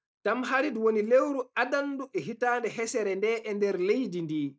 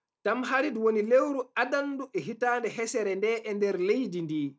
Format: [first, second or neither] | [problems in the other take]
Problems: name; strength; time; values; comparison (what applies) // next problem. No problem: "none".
second | noise reduction (neural mask model Resemble Enhance denoiser)